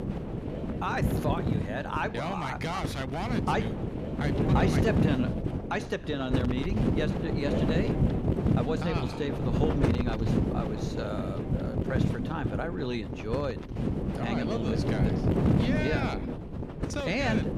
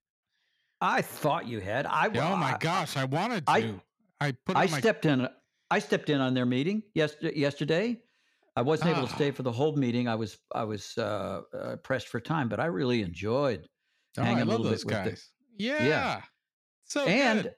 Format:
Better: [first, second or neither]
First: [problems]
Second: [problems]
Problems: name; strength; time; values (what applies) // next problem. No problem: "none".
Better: second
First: wind noise on the microphone; heavy; 2 dB below the speech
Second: none